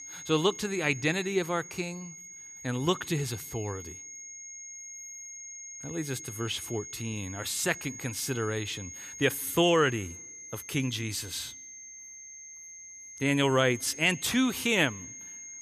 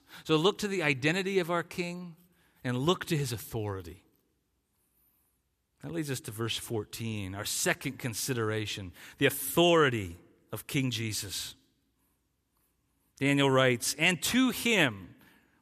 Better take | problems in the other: second | high-pitched whine; noticeable; throughout; 6.5 kHz, 10 dB below the speech

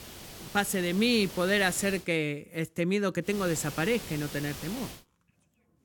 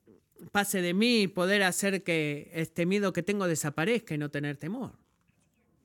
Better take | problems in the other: second | hiss; noticeable; until 2 s and from 3.5 to 5 s; 15 dB below the speech

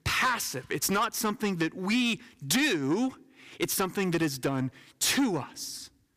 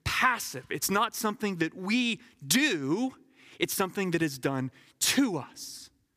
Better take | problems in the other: second | distortion; slight; 10 dB below the speech

